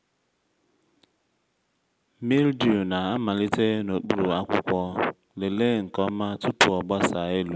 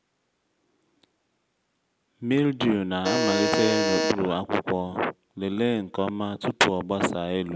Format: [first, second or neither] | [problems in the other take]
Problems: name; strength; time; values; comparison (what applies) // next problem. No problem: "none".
first | background sound (Alarm); 2 dB above the speech